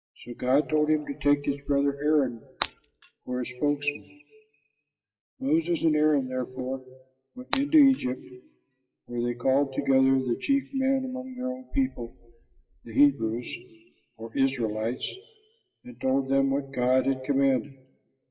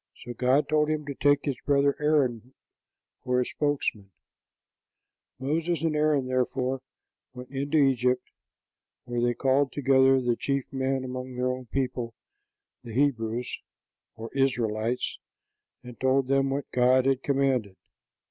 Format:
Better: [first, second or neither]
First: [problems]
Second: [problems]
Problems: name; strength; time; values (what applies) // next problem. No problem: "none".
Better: second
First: noise reduction (classical method WPE with log-MMSE)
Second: none